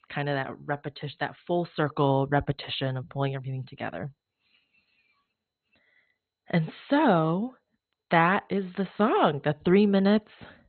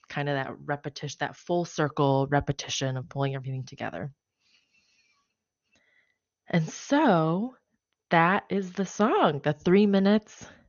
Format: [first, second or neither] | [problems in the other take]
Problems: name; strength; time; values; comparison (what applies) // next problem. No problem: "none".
second | garbled, watery; badly; nothing above 4 kHz; slightly in the second